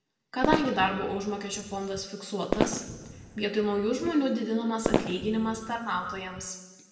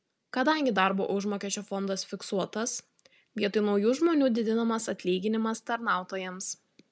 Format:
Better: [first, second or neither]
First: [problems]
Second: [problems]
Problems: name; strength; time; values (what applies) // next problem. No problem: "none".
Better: second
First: background sound (Fireworks); 3 dB below the speech // room echo; dies away in 1.2 s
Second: none